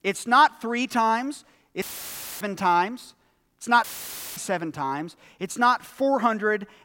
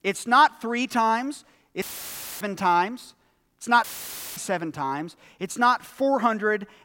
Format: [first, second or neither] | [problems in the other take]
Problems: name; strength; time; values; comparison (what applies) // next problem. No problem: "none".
neither | audio cutting out; filled with static; at 2 s for 0.5 s and at 4 s for 0.5 s; the same in both